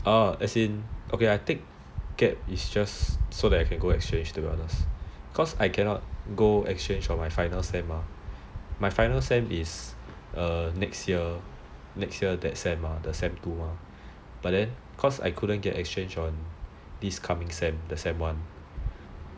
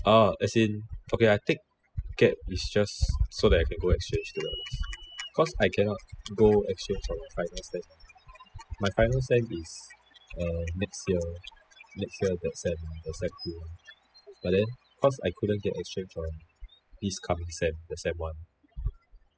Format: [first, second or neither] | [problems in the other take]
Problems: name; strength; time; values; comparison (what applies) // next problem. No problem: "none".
first | noise reduction (classical method spectral subtraction)